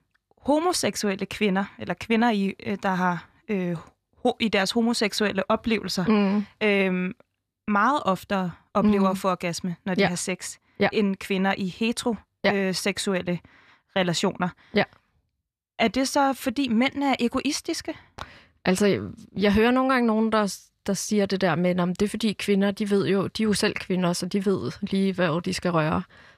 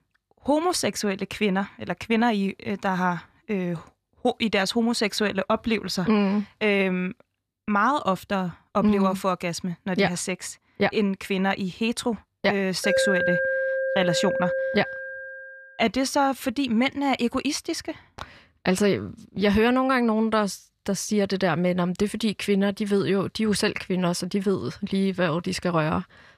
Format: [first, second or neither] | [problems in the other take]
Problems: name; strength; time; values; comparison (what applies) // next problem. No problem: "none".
first | alarm; loud; from 13 to 15 s; peak 3 dB above the speech